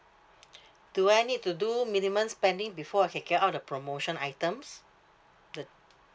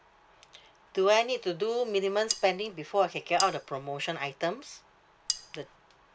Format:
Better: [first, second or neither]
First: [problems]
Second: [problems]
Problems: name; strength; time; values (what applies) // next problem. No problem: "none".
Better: first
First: none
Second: background sound (Cutlery, silverware); 6 dB below the speech